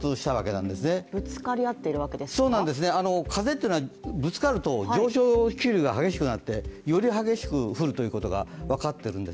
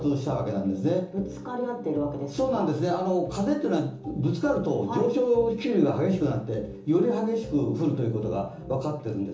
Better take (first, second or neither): first